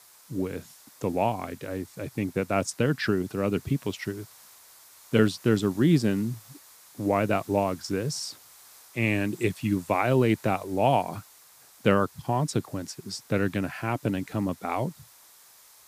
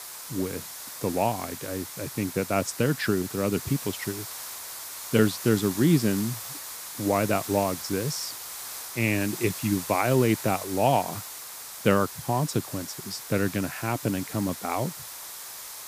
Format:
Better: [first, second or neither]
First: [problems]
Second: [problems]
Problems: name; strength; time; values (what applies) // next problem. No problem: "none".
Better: first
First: hiss; faint; throughout; 25 dB below the speech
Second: hiss; loud; throughout; 9 dB below the speech